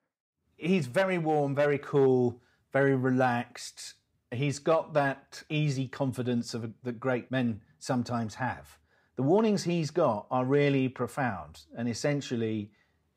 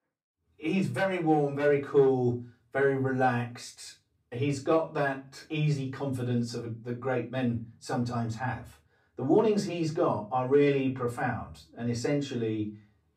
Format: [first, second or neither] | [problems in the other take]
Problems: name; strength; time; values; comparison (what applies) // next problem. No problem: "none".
first | off-mic speech; far // room echo; very slight; dies away in 0.2 s